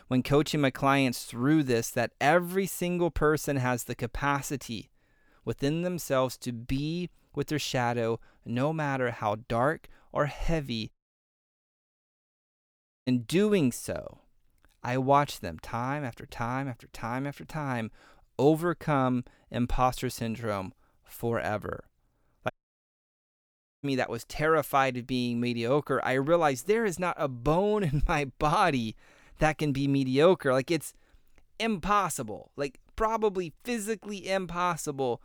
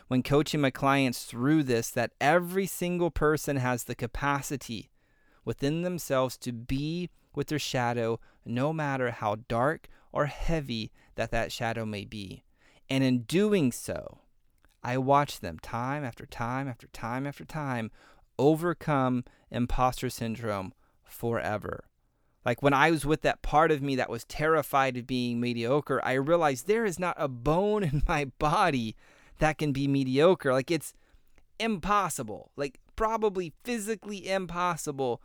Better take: second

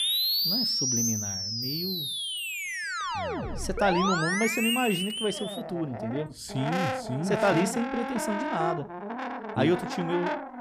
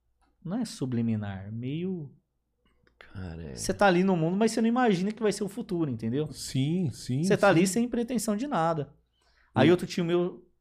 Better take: second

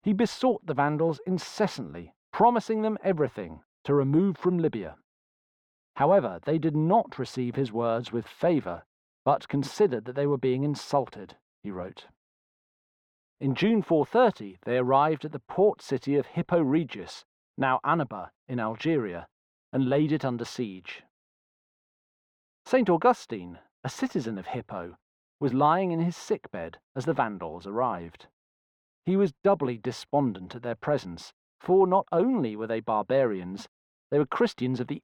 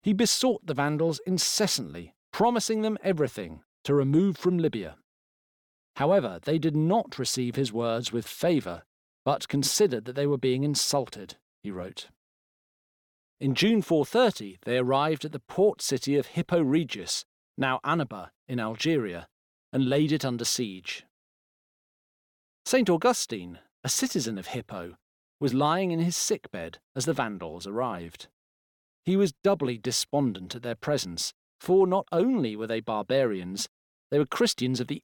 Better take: second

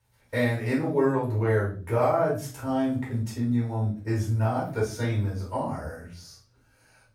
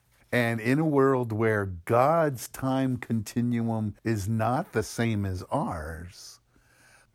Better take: second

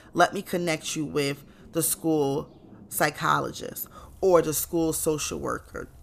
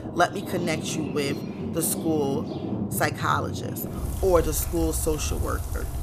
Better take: first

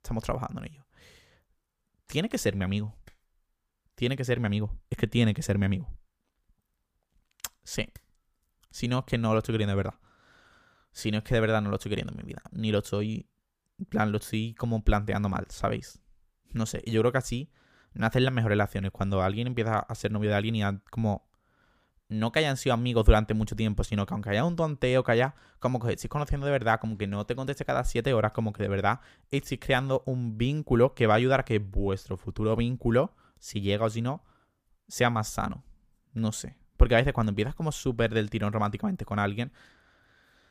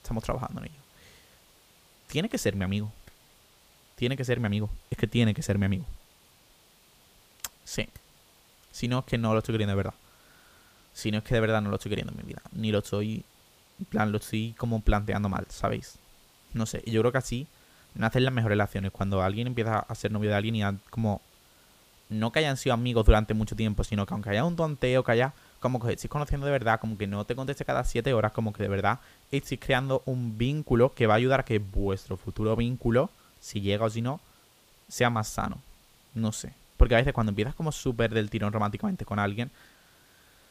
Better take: first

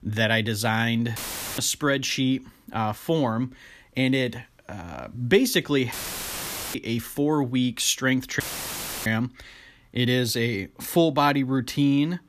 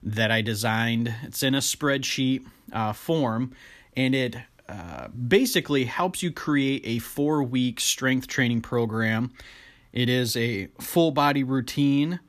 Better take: second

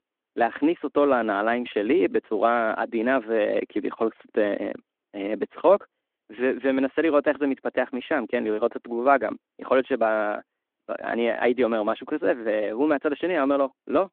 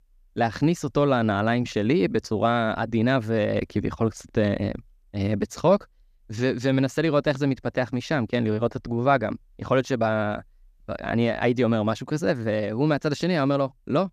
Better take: second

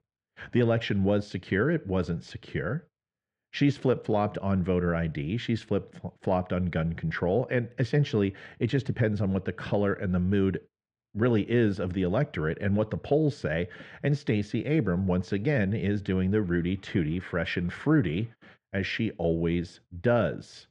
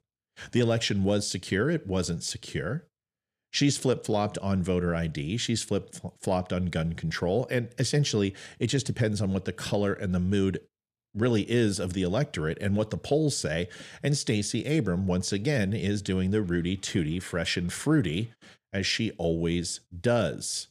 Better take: second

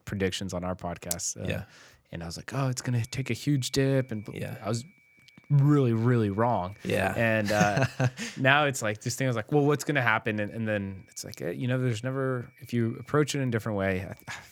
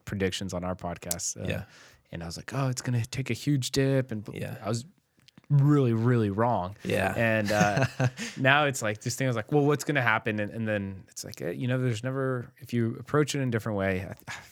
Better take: second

